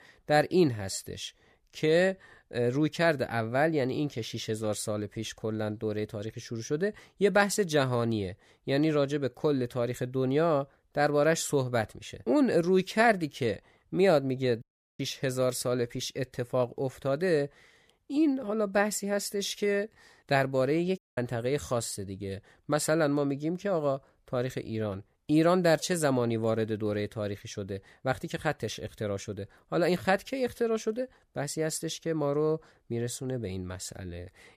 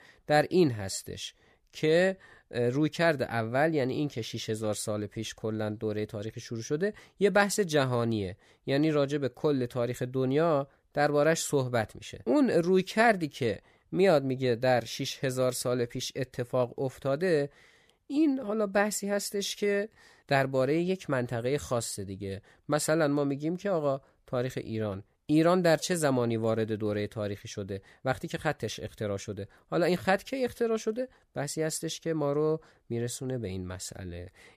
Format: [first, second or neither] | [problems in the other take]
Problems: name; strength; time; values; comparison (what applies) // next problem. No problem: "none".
second | audio cutting out; at 15 s and at 21 s